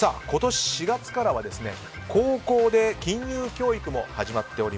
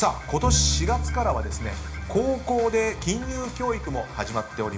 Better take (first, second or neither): first